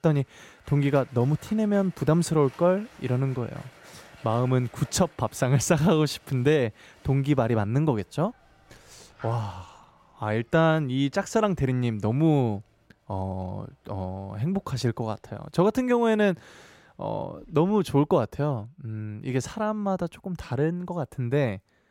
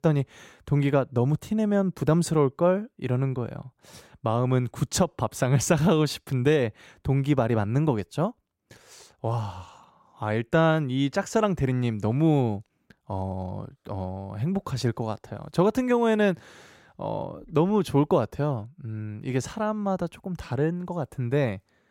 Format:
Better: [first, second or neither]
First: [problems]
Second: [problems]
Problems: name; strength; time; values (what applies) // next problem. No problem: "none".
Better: second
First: crowd noise; faint; throughout; 25 dB below the speech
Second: none